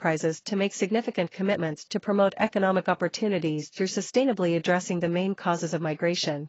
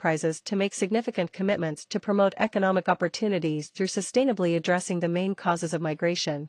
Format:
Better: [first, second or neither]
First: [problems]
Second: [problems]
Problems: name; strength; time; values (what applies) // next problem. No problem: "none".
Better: second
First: garbled, watery; badly; nothing above 7.5 kHz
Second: garbled, watery; slightly; nothing above 14.5 kHz